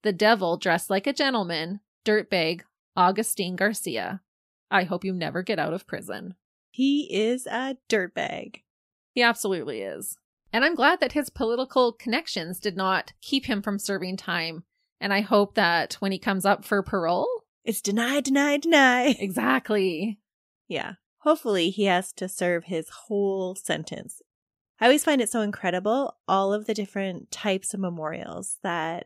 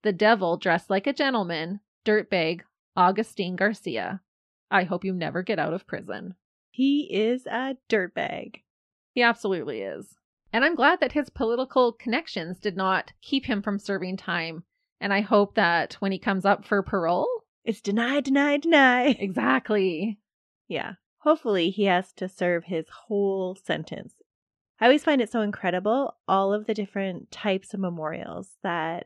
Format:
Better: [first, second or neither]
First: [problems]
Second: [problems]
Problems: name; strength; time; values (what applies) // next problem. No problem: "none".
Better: first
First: none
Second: muffled; very slightly; fading above 3.5 kHz